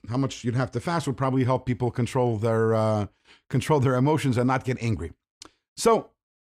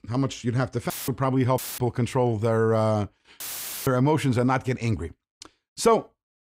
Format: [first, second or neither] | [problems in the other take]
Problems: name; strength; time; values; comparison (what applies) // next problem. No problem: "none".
first | audio cutting out; filled with static; at 1 s, at 1.5 s and at 3.5 s